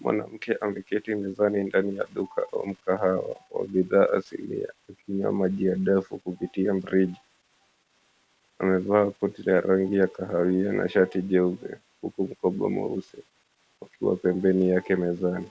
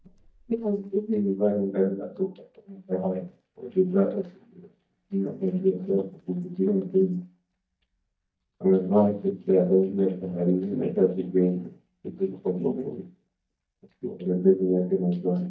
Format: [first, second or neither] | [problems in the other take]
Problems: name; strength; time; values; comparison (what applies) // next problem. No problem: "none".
first | noise reduction (neural mask model DeepFilterNet 3)